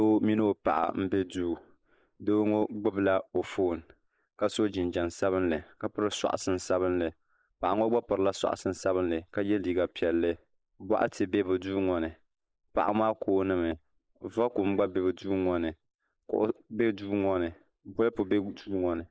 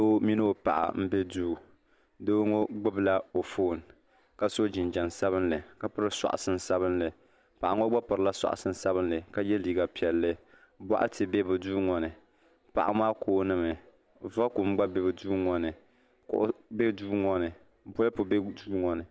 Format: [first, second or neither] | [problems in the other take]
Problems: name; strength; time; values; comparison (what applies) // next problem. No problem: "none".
second | noise reduction (neural mask model Resemble Enhance denoiser)